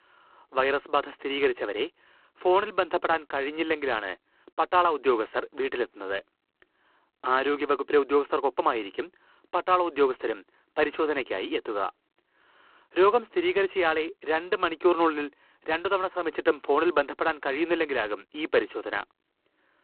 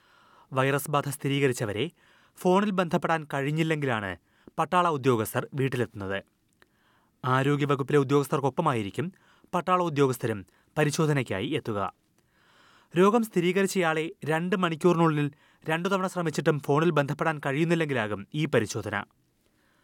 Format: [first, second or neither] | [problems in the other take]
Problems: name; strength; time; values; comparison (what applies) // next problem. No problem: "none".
second | phone-call audio; poor line